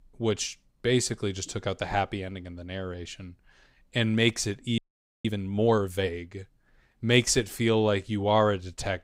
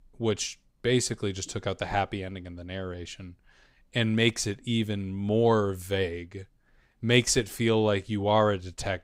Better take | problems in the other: second | audio freezing; at 5 s

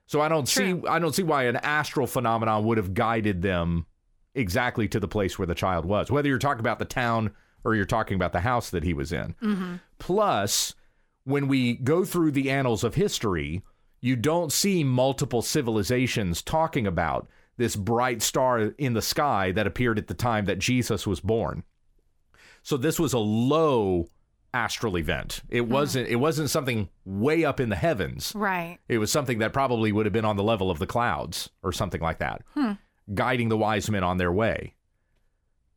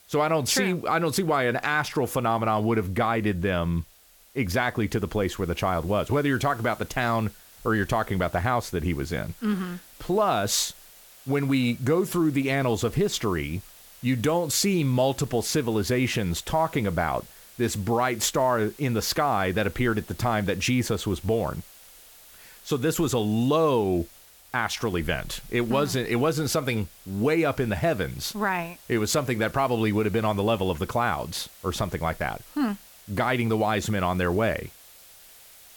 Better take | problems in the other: first | hiss; faint; throughout; 20 dB below the speech

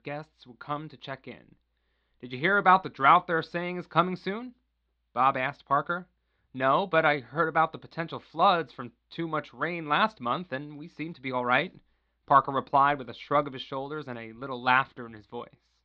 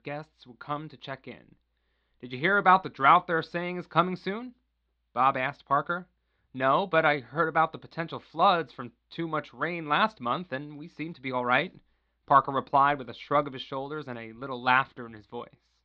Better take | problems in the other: neither | muffled; slightly; fading above 4 kHz; the same in both

